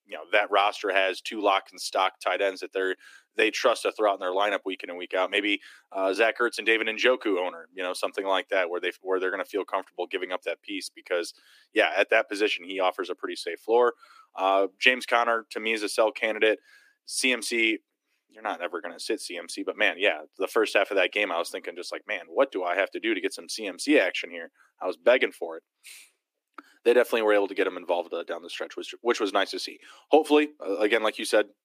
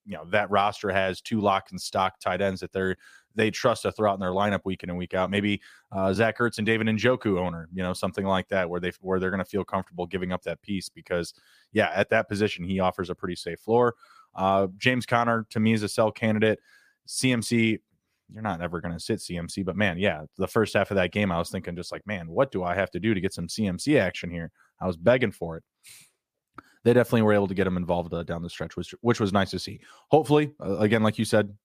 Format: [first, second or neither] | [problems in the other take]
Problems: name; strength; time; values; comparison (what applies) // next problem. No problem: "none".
second | thin; somewhat; fading below 300 Hz